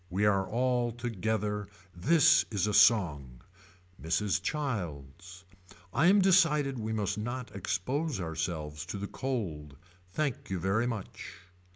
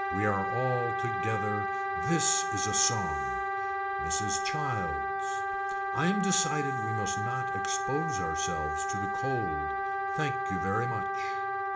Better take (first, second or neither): first